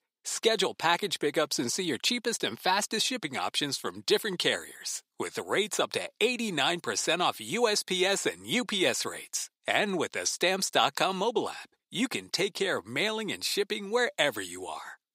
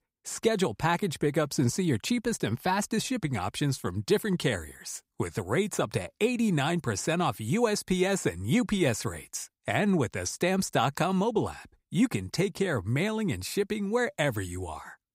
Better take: second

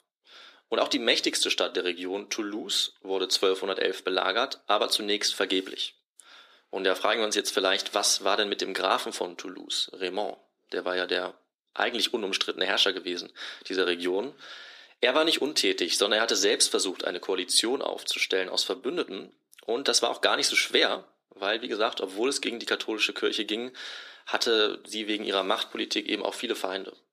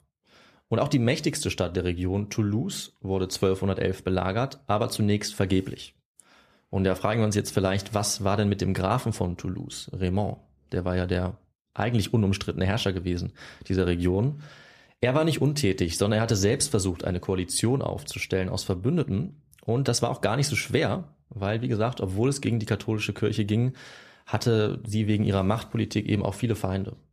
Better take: second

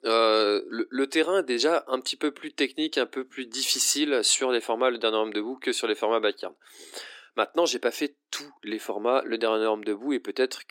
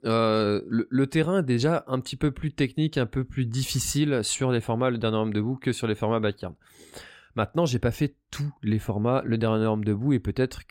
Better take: second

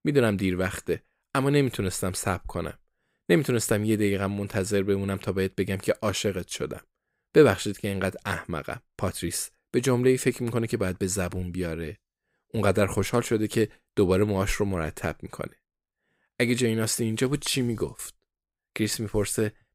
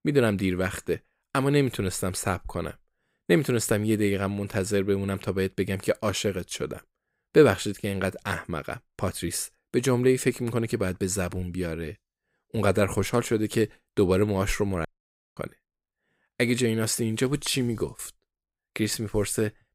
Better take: first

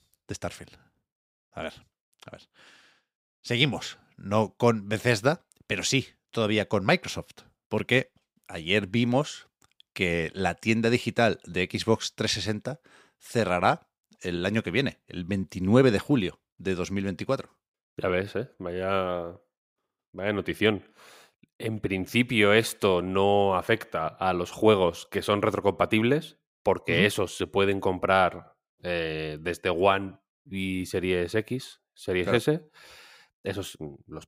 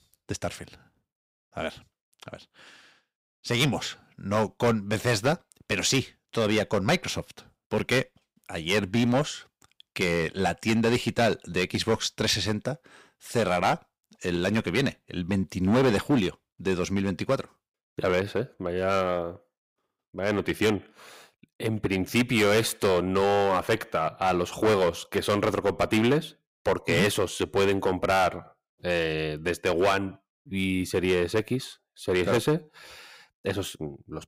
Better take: first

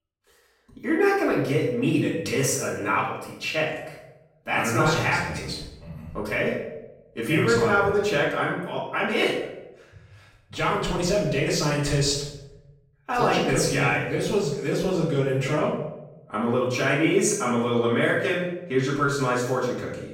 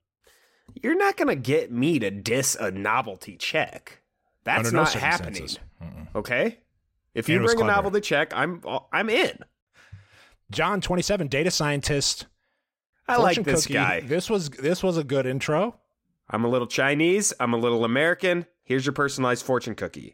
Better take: second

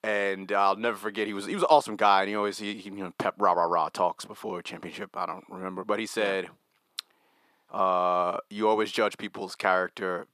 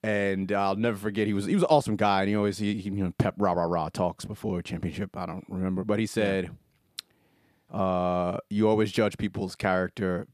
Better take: second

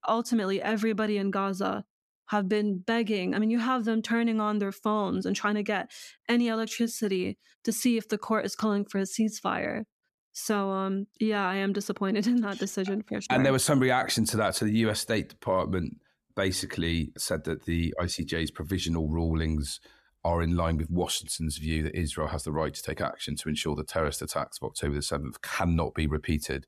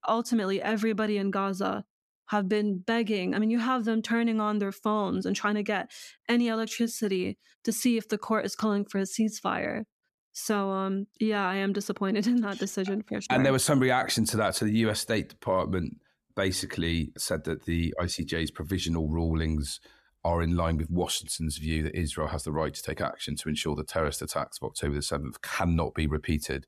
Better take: neither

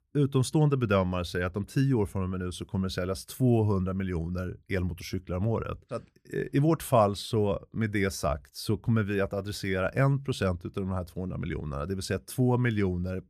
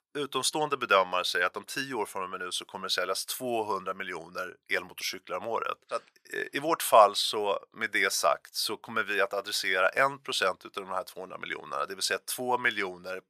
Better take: first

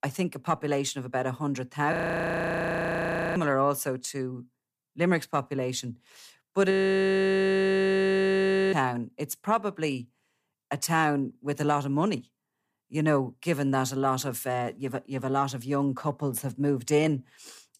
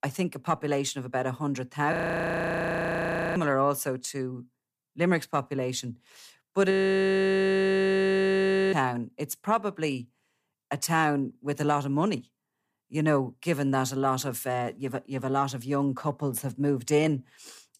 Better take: neither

